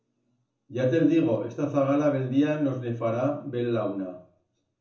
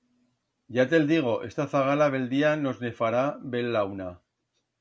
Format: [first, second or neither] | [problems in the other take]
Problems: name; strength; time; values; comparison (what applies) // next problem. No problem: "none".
second | room echo; dies away in 0.6 s